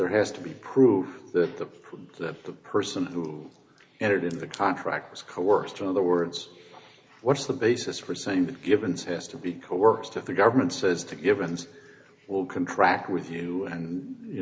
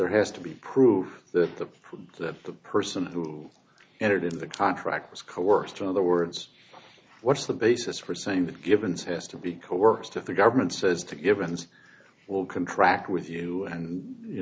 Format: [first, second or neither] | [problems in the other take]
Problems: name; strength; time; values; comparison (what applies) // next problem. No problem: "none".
second | room echo; dies away in 1.2 s